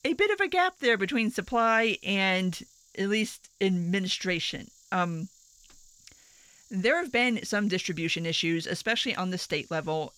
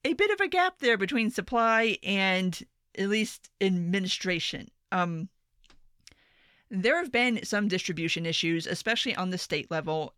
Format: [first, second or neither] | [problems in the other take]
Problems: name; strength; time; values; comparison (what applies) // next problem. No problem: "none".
second | animal sounds; faint; throughout; 30 dB below the speech